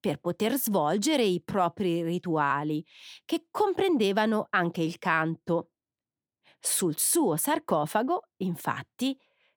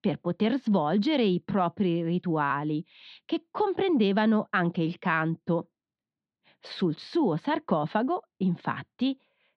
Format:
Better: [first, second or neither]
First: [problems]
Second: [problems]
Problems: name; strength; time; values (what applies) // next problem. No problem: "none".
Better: first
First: none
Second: muffled; slightly; fading above 4 kHz